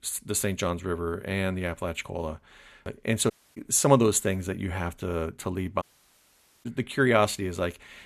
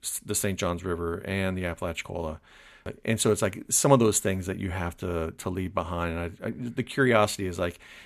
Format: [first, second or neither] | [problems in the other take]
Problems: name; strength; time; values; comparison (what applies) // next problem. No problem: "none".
second | audio cutting out; at 3.5 s and at 6 s for 1 s